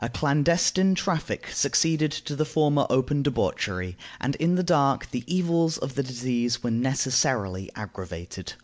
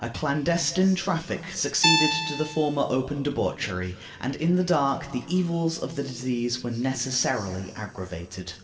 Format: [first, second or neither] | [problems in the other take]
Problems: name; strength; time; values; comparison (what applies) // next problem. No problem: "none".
first | background sound (Guitar); 1 dB above the speech // room echo; dies away in 2.8 s